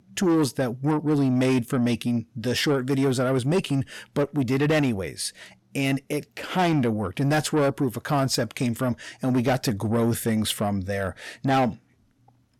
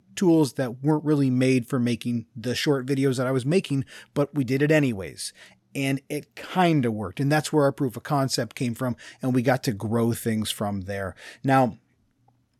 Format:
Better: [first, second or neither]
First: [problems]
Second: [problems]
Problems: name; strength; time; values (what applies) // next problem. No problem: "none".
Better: second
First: distortion; slight; 10 dB below the speech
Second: none